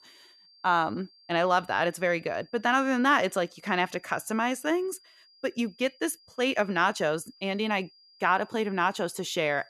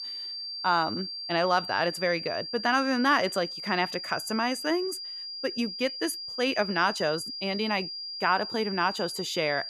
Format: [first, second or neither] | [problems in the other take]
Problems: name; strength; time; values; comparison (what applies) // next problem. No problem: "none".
first | high-pitched whine; loud; throughout; 5 kHz, 6 dB below the speech; faint in the first